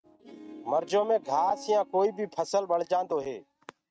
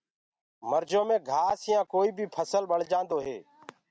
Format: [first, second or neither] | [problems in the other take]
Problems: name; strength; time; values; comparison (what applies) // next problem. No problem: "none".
second | noise reduction (neural mask model RNNoise)